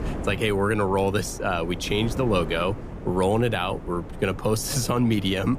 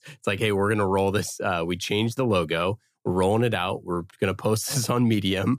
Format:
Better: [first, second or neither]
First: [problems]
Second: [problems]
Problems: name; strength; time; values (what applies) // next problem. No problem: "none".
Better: second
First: wind noise on the microphone; occasional gusts; 15 dB below the speech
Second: none